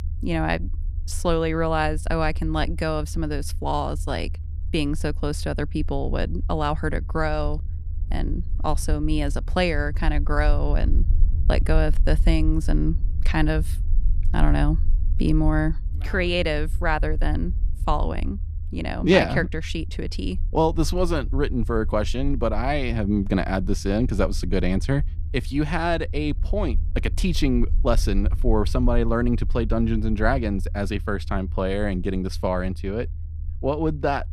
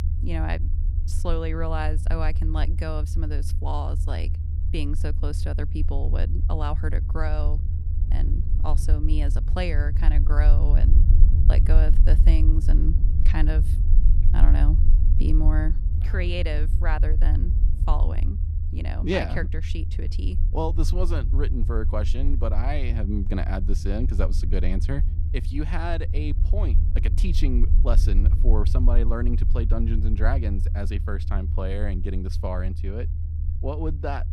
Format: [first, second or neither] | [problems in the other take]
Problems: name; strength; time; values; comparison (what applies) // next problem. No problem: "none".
first | low rumble; loud; throughout; 9 dB below the speech; faint in the first